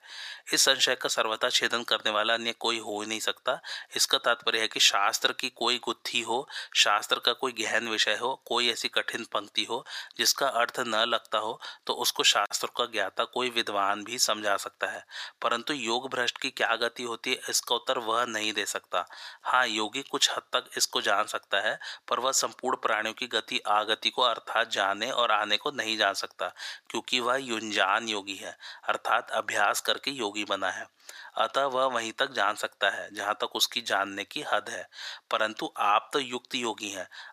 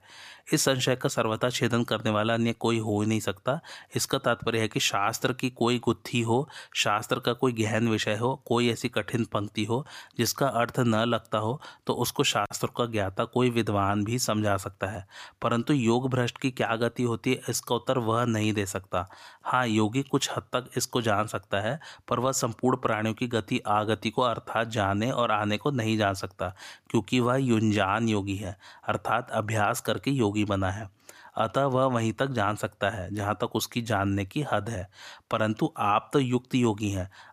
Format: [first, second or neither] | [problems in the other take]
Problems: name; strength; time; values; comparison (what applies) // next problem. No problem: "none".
second | thin; very; fading below 550 Hz